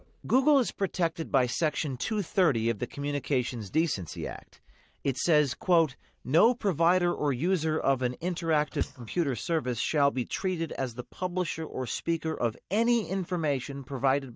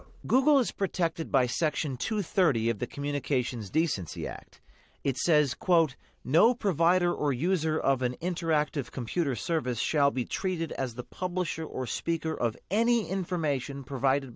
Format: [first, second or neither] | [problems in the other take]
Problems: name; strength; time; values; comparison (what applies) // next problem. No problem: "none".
second | noise reduction (neural mask model DeepFilterNet 3)